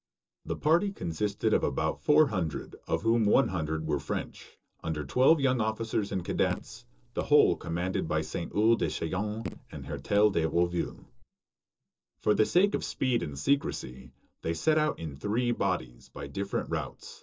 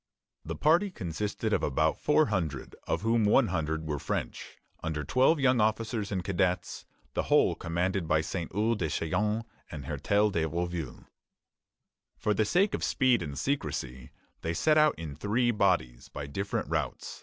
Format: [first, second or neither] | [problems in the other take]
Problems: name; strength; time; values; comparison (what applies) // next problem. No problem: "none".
second | noise reduction (neural separator model SepFormer DNS4)